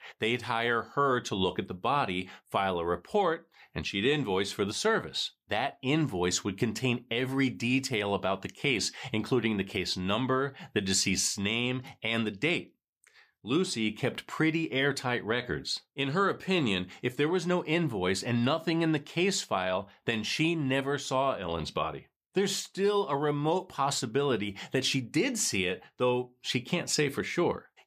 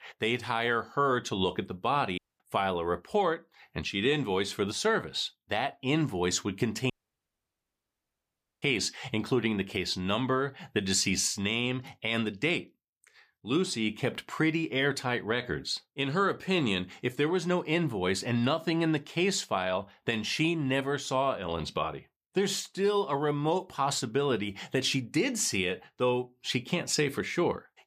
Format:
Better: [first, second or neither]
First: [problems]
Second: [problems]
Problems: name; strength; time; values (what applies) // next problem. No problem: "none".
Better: first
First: none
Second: audio cutting out; at 2 s and at 7 s for 1.5 s